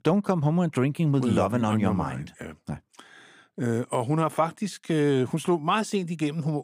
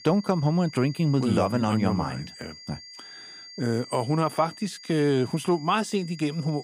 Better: first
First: none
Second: high-pitched whine; noticeable; throughout; 4.5 kHz, 20 dB below the speech

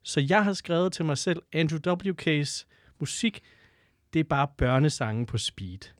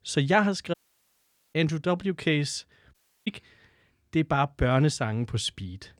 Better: first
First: none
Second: audio cutting out; at 0.5 s for 1 s and at 3 s

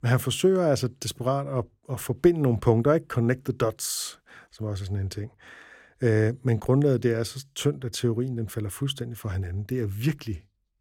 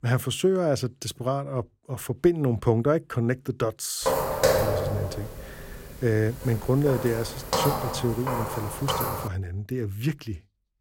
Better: first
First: none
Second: footsteps; loud; from 4 to 9.5 s; peak 5 dB above the speech

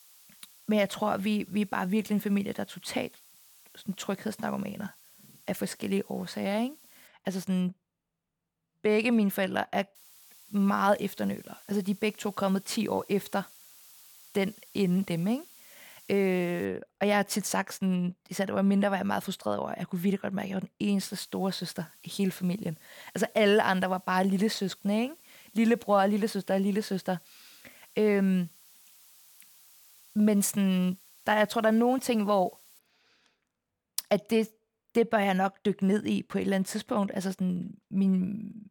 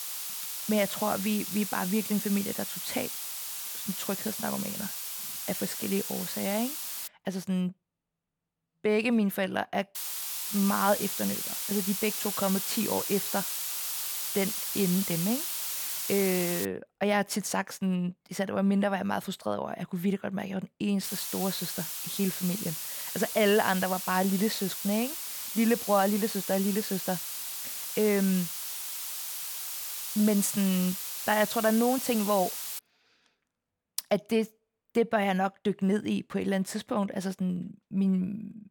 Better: first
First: hiss; faint; until 7 s, from 10 to 17 s and from 21 to 33 s; 25 dB below the speech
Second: hiss; loud; until 7 s, from 10 to 17 s and from 21 to 33 s; 3 dB below the speech

